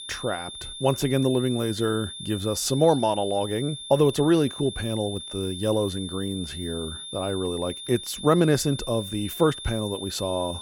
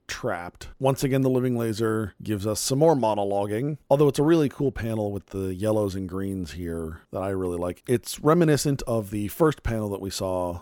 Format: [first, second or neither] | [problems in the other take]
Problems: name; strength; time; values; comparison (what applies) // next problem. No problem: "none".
second | high-pitched whine; loud; throughout; 3.5 kHz, 10 dB below the speech